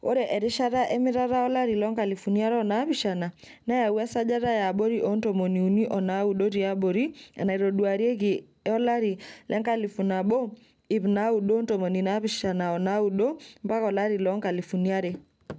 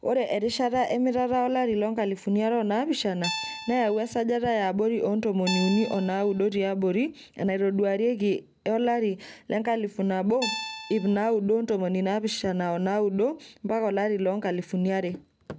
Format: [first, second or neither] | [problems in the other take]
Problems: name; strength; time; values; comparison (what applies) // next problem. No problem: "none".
first | background sound (Guitar); 9 dB below the speech